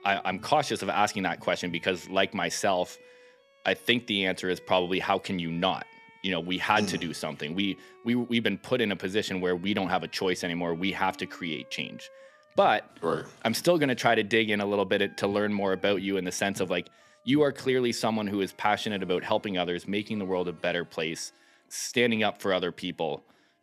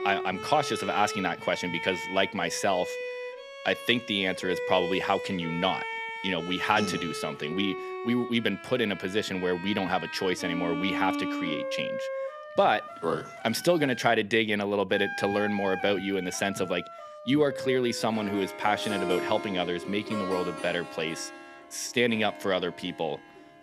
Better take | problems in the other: first | background music; loud; throughout; 8 dB below the speech; faint in the first

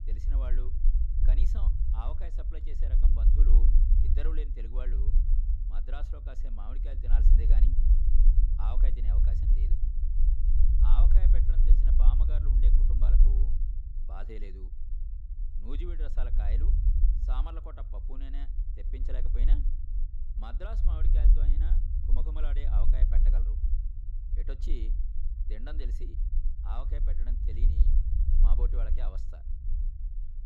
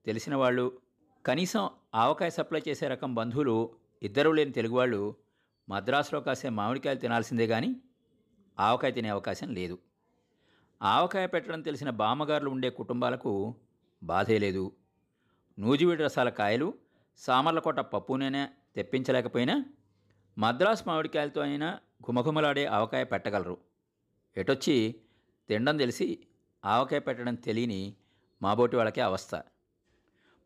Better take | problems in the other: second | low rumble; loud; throughout; 2 dB below the speech

